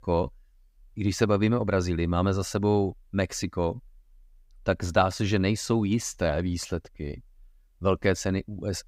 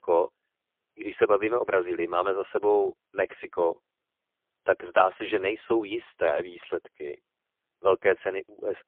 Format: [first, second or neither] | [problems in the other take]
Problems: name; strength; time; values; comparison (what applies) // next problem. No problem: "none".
first | phone-call audio; poor line; nothing above 3 kHz